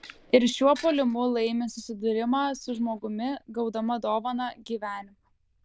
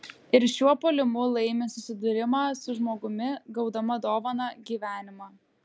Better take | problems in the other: second | noise reduction (neural diffusion model UNIVERSE++)

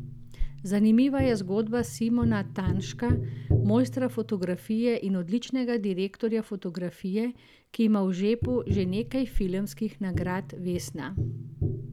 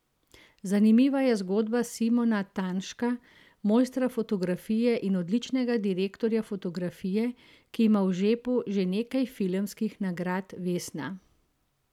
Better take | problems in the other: second | background sound (Tap); 6 dB below the speech

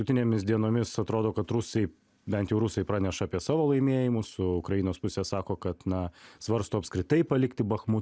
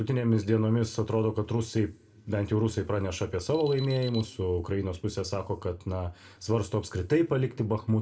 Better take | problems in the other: first | background sound (Alarm); 20 dB below the speech // room echo; dies away in 0.3 s

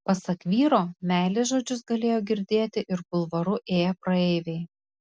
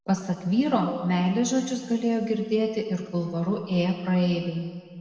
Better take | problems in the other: first | background sound (Wind instrument, woodwind instrument); 15 dB below the speech // room echo; dies away in 1.8 s

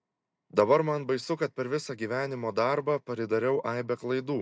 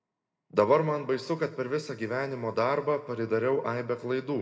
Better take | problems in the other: first | room echo; dies away in 1.7 s

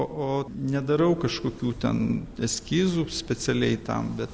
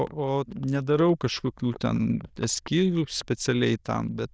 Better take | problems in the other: first | noise reduction (neural diffusion model UNIVERSE++)

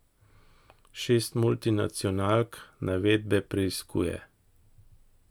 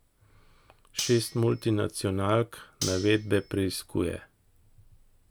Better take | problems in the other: first | background sound (Cutlery, silverware); 11 dB below the speech

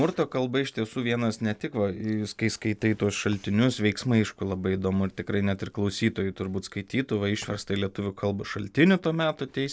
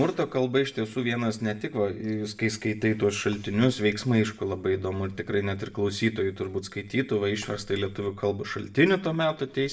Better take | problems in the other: first | room echo; dies away in 0.4 s

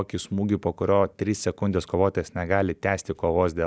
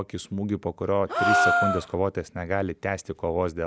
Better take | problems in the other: first | background sound (Gasp); 1 dB above the speech

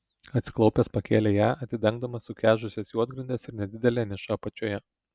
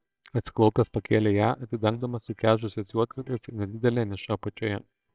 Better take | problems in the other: first | noise reduction (neural separator model SepFormer WHAMR!)

